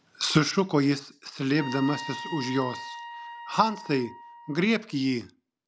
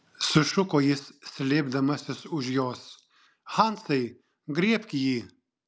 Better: second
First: background sound (Trumpet); 12 dB below the speech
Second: none

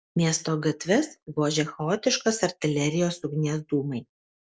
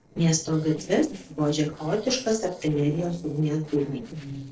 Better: first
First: none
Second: noise reduction (neural separator model SepFormer DNS4)

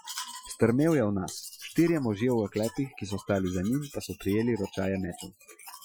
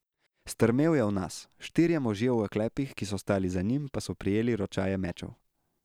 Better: second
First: noise reduction (classical method Wiener filter)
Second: none

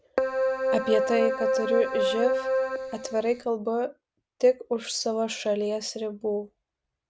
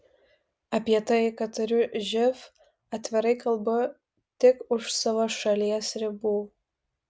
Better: second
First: background sound (Keyboard (musical)); 2 dB above the speech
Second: none

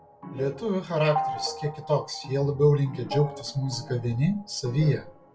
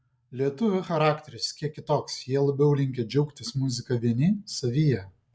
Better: second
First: background sound (Organ); 10 dB below the speech // room echo; dies away in 0.1 s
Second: none

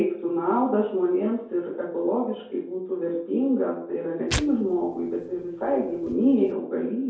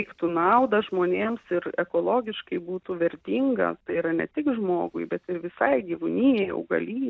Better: second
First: background sound (Tearing); 11 dB below the speech // room echo; dies away in 2.3 s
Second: none

